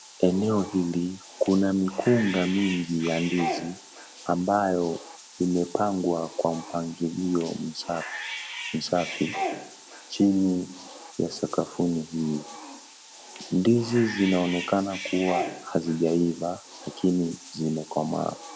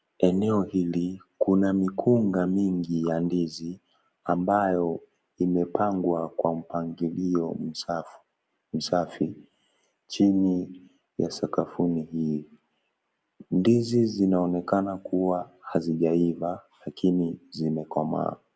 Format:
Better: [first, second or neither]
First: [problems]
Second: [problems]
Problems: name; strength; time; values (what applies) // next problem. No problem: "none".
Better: second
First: background sound (Bathtub (filling or washing) / Cat); 12 dB below the speech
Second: none